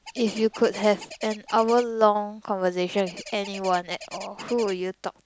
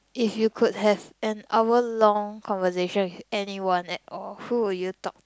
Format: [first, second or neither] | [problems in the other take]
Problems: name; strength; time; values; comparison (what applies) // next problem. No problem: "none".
second | background sound (Bird); 16 dB below the speech